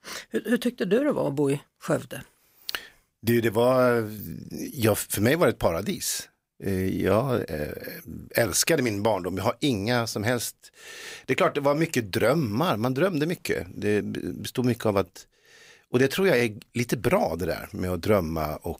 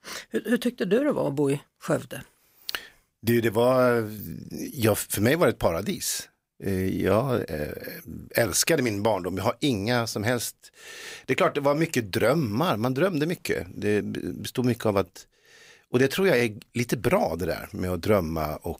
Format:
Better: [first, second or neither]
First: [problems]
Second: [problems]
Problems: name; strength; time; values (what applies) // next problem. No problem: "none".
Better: neither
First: none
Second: none